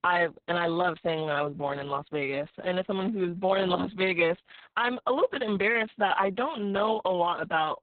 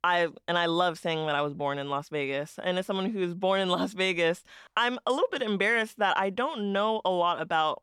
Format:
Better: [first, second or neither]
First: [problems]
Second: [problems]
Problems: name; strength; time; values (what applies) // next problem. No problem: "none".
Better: second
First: garbled, watery; badly; nothing above 4 kHz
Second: none